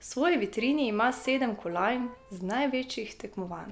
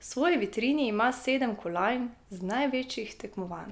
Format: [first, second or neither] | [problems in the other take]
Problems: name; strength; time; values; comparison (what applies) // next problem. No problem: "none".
second | background sound (Electric guitar); 20 dB below the speech